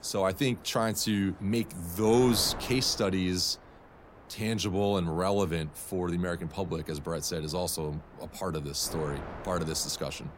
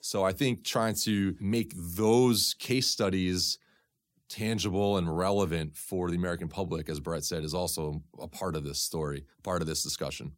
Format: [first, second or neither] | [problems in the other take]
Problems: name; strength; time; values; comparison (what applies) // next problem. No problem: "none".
second | wind noise on the microphone; occasional gusts; 15 dB below the speech